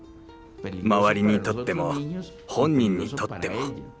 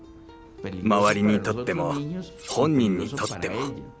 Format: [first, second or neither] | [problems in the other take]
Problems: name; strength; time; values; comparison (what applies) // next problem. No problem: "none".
first | background sound (Cutlery, silverware); 16 dB below the speech